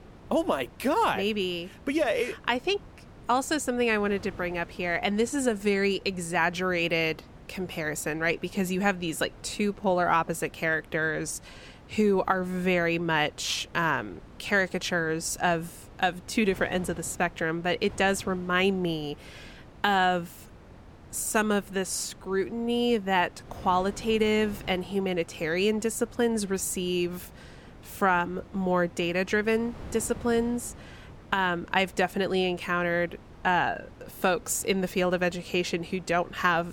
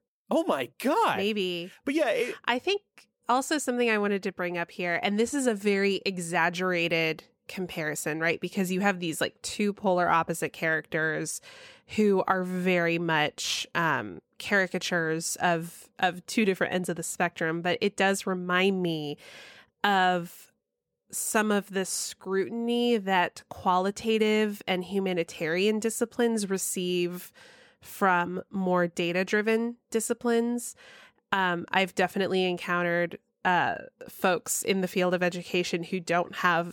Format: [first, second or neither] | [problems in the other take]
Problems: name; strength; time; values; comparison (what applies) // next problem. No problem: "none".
second | wind noise on the microphone; occasional gusts; 25 dB below the speech